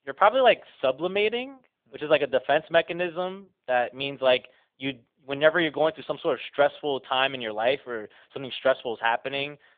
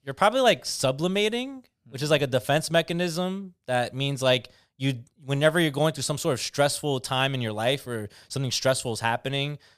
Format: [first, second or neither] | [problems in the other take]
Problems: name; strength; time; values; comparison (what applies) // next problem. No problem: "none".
second | phone-call audio; nothing above 3.5 kHz